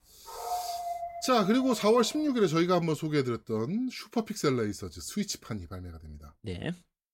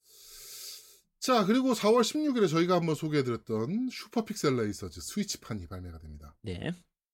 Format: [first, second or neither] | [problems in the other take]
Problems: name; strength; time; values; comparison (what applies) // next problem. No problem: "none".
second | dog barking; noticeable; until 2 s; peak 6 dB below the speech